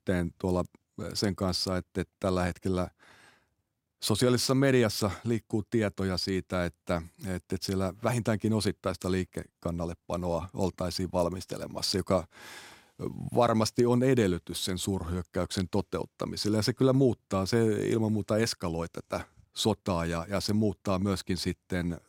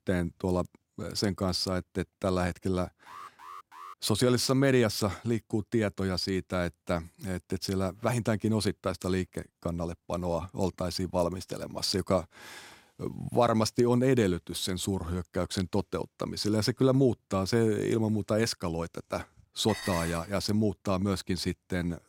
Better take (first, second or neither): first